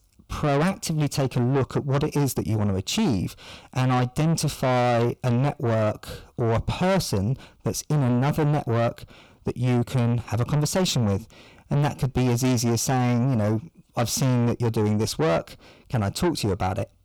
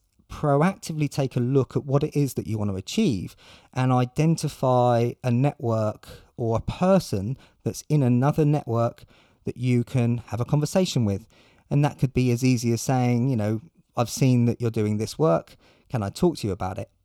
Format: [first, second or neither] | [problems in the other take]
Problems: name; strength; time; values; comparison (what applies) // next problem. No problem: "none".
second | distortion; heavy; 7 dB below the speech